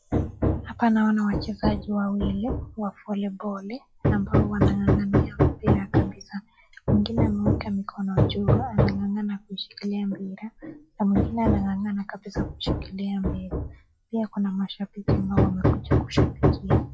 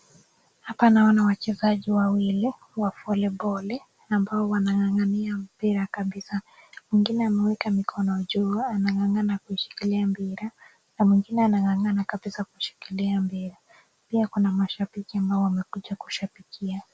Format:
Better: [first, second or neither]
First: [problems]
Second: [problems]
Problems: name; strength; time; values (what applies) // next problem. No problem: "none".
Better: second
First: noise reduction (classical method log-MMSE)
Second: none